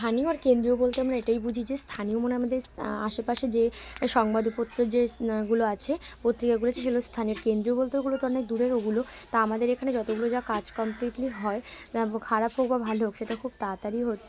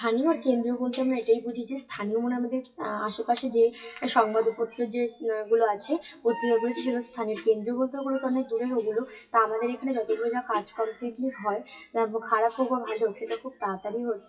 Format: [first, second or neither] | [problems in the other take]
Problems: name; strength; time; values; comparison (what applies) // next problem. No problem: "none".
first | noise reduction (classical method WPE with log-MMSE)